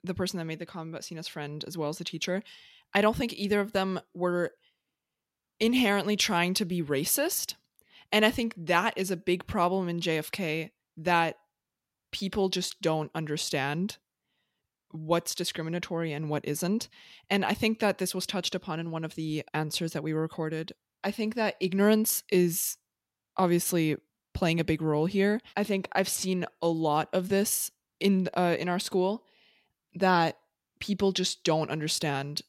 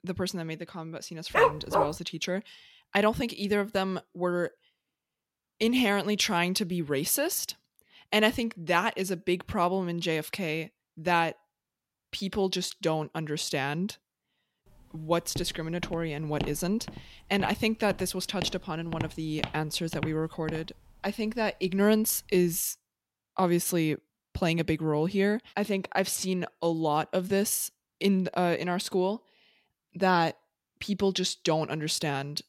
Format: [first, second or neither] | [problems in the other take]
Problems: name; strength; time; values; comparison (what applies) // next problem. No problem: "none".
first | dog barking; loud; at 1.5 s; peak 5 dB above the speech // footsteps; noticeable; from 15 to 21 s; peak 7 dB below the speech